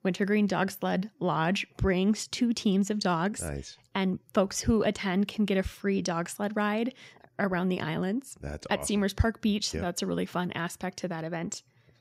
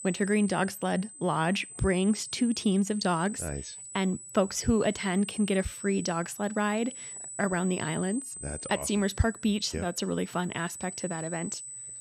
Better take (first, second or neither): first